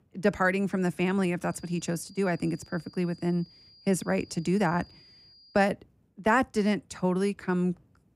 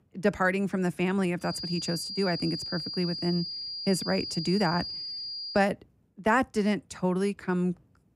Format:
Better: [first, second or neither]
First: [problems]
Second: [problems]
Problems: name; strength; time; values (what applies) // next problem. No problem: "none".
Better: first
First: high-pitched whine; faint; from 1.5 to 5.5 s; 5 kHz, 25 dB below the speech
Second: high-pitched whine; loud; from 1.5 to 5.5 s; 5 kHz, 5 dB below the speech